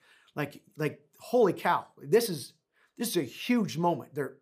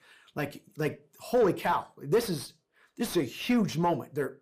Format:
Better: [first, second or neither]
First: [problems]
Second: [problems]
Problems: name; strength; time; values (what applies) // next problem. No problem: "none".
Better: first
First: none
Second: distortion; slight; 10 dB below the speech